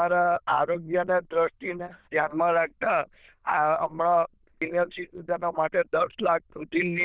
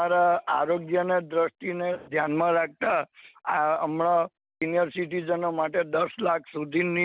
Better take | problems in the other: second | noise reduction (neural diffusion model UNIVERSE++)

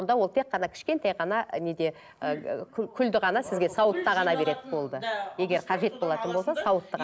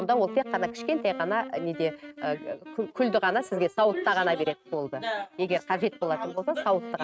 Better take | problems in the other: first | noise reduction (neural mask model RNNoise)

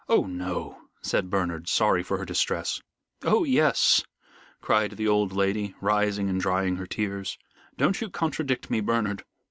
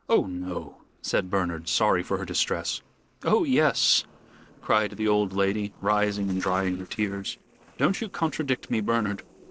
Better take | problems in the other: first | noise reduction (neural separator model SepFormer DNS4)

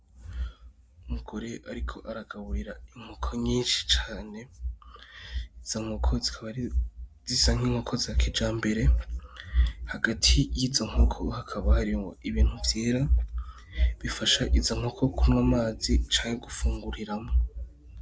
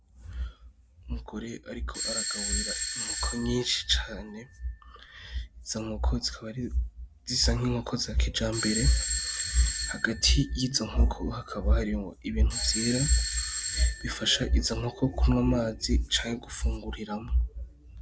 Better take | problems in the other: first | background sound (Bell / Doorbell); 6 dB below the speech

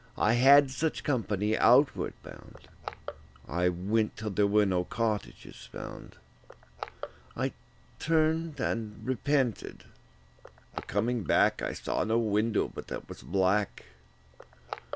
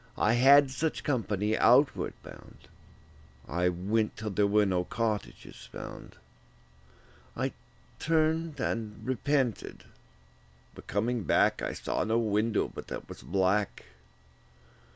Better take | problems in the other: second | background sound (Crushing); 19 dB below the speech

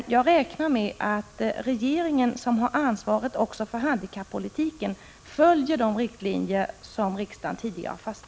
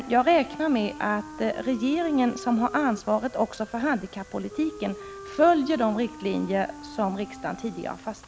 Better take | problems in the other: first | background sound (Wind instrument, woodwind instrument); 16 dB below the speech

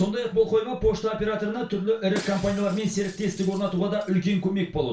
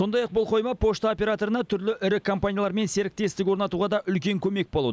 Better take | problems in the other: second | background sound (Shatter); 18 dB below the speech // room echo; dies away in 0.3 s

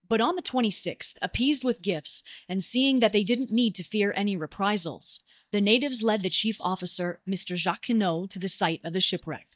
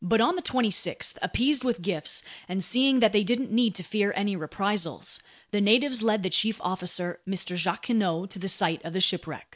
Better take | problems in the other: second | noise reduction (neural mask model DeepFilterNet 3)

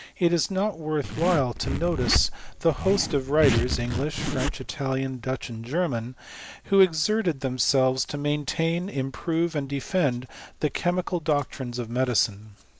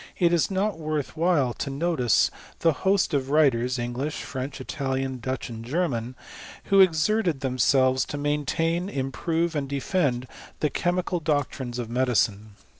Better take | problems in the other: second | background sound (Zipper (clothing)); 3 dB below the speech

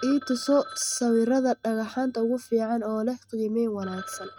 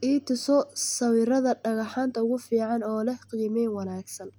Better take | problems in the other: second | noise reduction (neural mask model RNNoise)

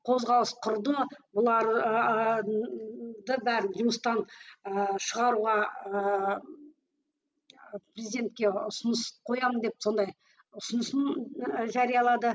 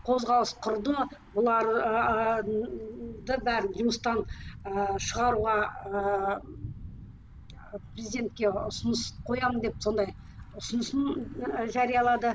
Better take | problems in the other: first | background sound (Thunder / Bicycle); 15 dB below the speech

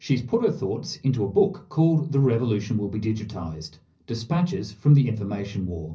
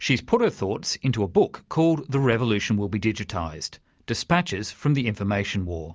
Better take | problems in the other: second | room echo; dies away in 0.5 s

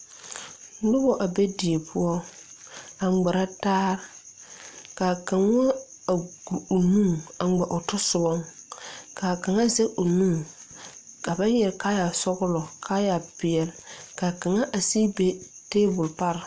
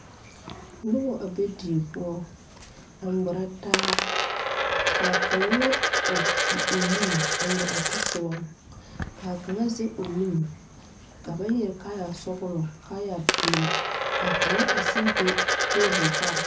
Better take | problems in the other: first | background sound (Coin (dropping)); 2 dB above the speech // room echo; dies away in 0.4 s

